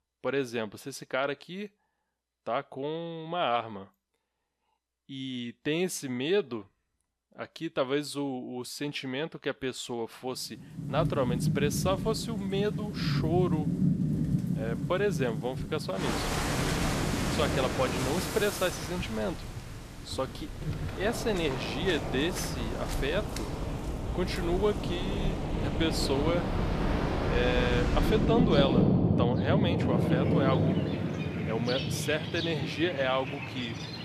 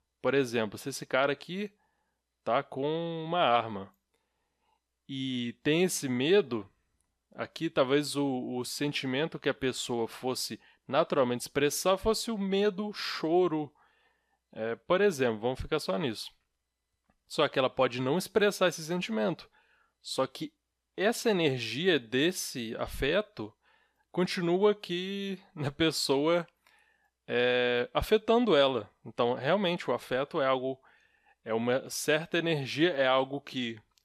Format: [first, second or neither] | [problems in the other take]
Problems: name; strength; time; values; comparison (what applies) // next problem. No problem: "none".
second | rain or running water; very loud; from 11 s on; 1 dB above the speech